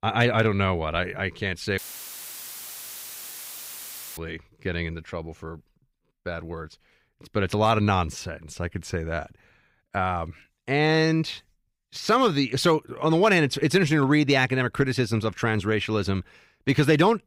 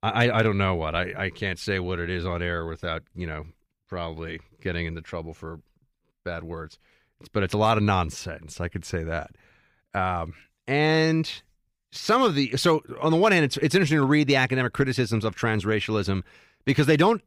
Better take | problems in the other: second | audio cutting out; filled with static; at 2 s for 2.5 s

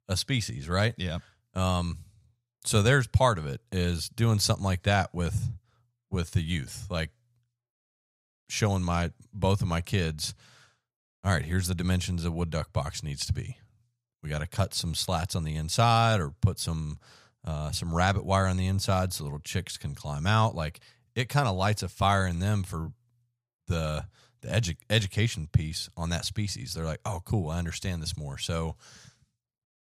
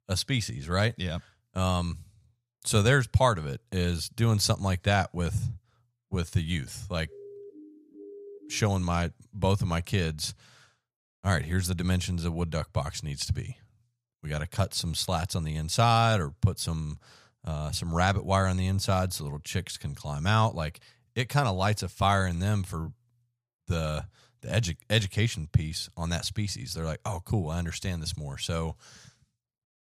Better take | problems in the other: first | siren; faint; from 7 to 9 s; peak 15 dB below the speech

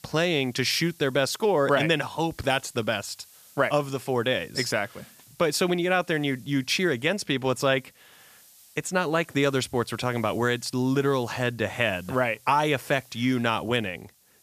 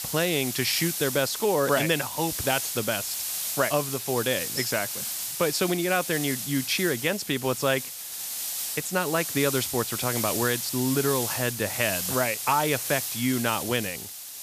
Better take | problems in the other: first | hiss; loud; throughout; 3 dB below the speech; faint in the first

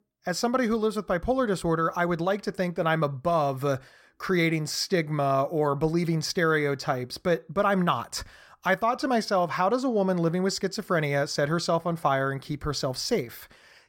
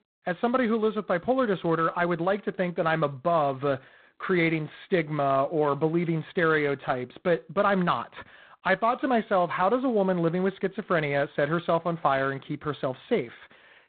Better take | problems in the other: first | phone-call audio; poor line; nothing above 4 kHz

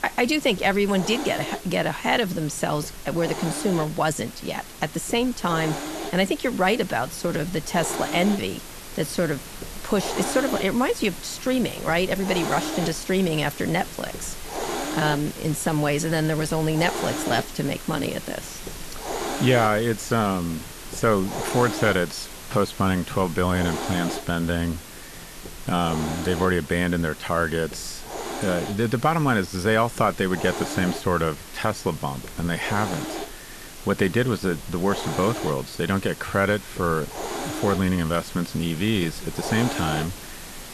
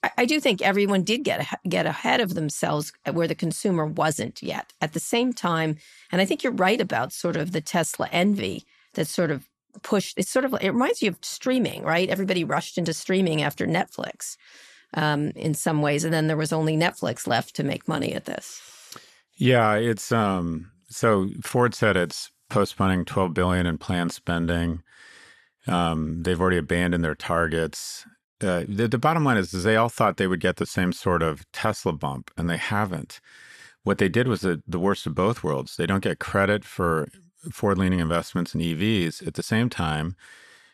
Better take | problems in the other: second | hiss; loud; throughout; 9 dB below the speech

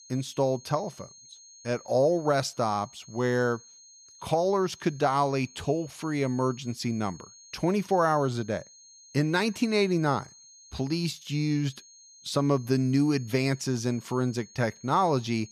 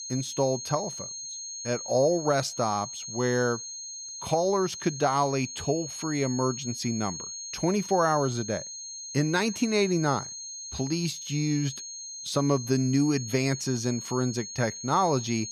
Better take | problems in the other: first | high-pitched whine; loud; throughout; 6.5 kHz, 8 dB below the speech; faint in the first

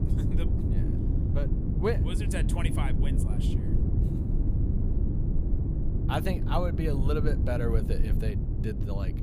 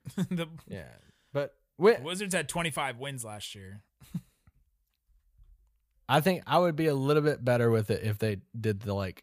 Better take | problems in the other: second | low rumble; loud; throughout; 4 dB below the speech

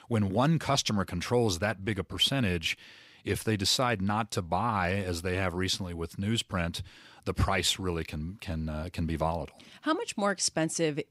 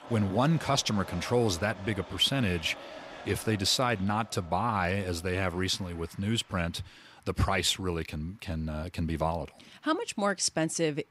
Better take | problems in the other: first | crowd noise; noticeable; throughout; 15 dB below the speech

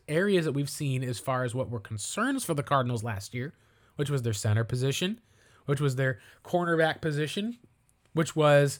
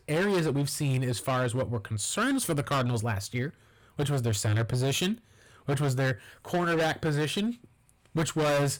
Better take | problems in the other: first | distortion; heavy; 16% of the sound clipped

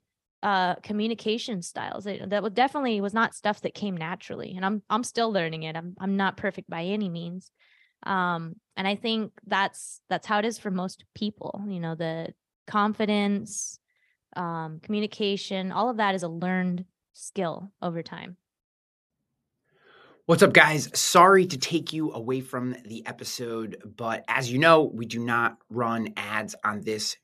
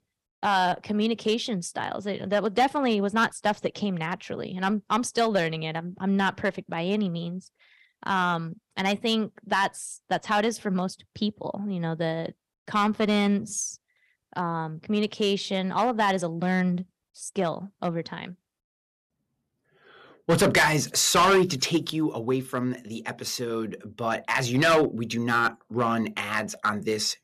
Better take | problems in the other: first | distortion; heavy; 3% of the sound clipped

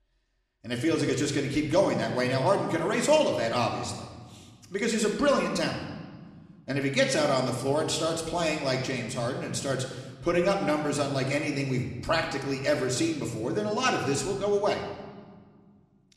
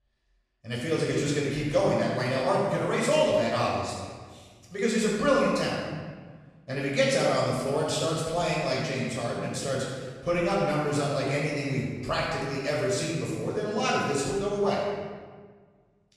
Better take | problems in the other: first | room echo; strong; dies away in 1.3 s; slight in the first // off-mic speech; far; somewhat distant in the first

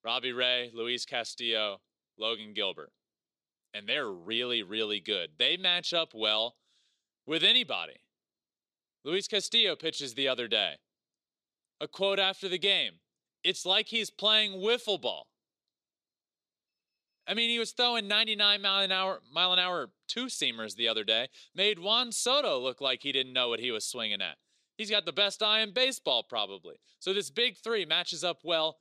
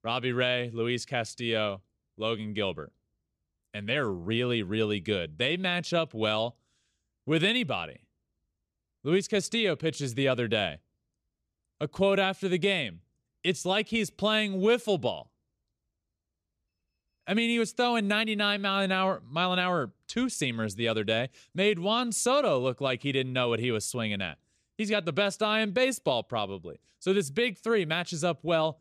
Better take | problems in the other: second | thin; somewhat; fading below 300 Hz

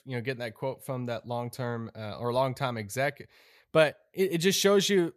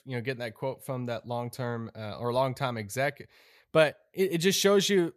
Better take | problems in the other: neither | none

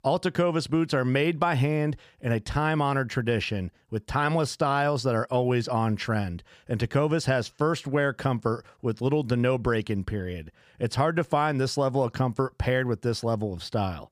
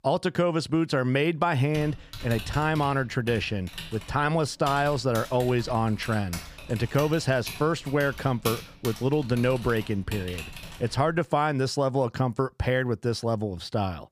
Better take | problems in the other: first | keyboard typing; noticeable; from 1.5 to 11 s; peak 8 dB below the speech

